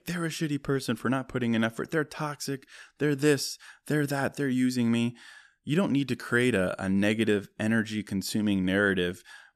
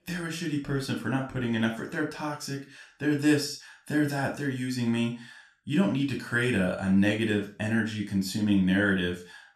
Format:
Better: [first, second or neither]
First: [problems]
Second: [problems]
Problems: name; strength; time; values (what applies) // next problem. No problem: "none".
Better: first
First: none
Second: room echo; slight; dies away in 0.3 s // off-mic speech; somewhat distant